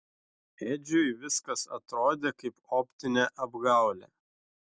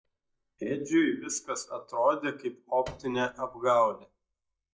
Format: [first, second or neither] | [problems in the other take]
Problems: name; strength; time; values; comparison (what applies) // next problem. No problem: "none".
first | noise reduction (neural mask model DeepFilterNet 3)